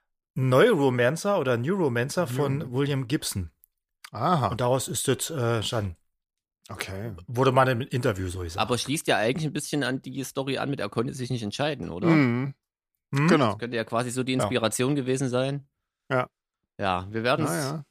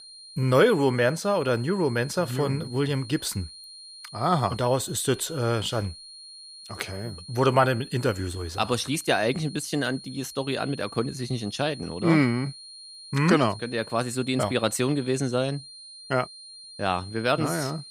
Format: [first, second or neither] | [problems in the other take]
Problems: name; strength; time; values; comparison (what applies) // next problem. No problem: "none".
first | high-pitched whine; noticeable; throughout; 4 kHz, 15 dB below the speech